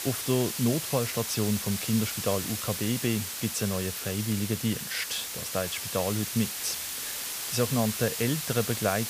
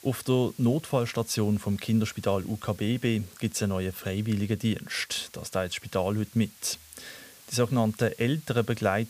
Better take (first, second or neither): second